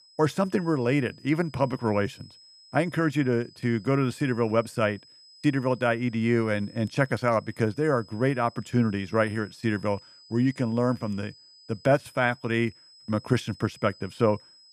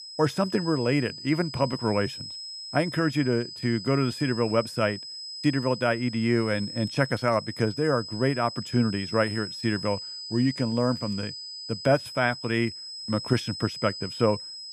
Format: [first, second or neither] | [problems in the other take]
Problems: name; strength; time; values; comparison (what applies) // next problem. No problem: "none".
first | high-pitched whine; loud; throughout; 5 kHz, 9 dB below the speech; faint in the first